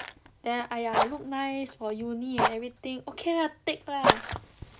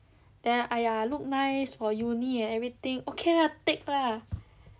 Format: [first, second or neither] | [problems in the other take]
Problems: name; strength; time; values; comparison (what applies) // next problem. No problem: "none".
second | background sound (Fire); as loud as the speech